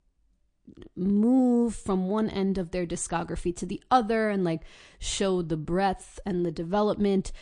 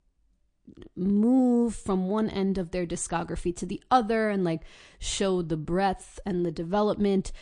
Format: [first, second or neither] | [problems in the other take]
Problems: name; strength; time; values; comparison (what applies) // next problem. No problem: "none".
neither | garbled, watery; slightly; nothing above 9 kHz; the same in both